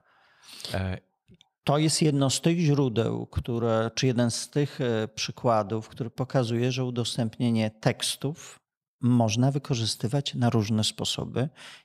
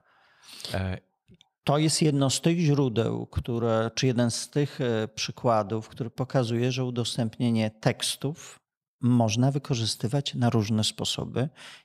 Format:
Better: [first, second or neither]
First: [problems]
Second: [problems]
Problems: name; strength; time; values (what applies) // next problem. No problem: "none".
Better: neither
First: none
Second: none